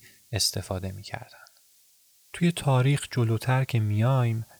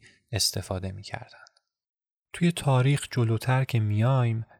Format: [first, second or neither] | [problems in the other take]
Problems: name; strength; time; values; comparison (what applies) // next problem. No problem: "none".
second | hiss; faint; throughout; 30 dB below the speech